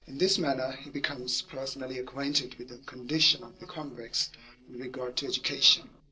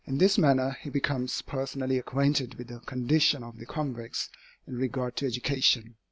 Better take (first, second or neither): second